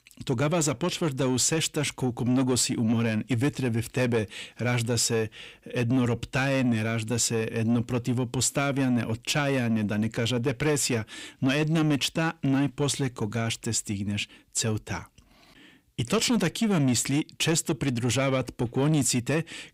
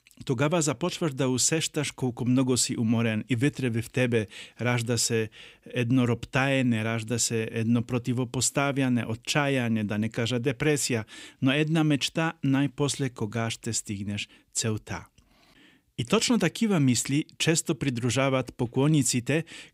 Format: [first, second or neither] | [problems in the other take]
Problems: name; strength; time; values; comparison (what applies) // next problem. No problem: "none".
second | distortion; slight; 10 dB below the speech